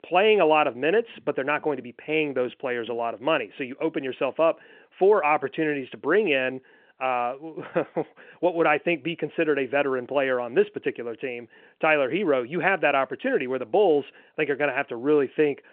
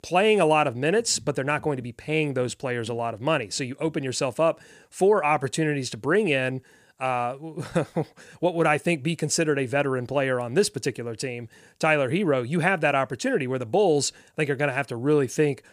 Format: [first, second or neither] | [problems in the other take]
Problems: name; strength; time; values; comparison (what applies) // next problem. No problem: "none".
second | phone-call audio